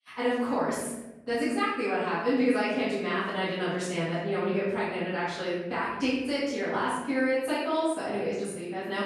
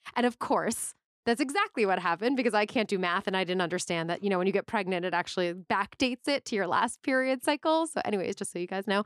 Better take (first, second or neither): second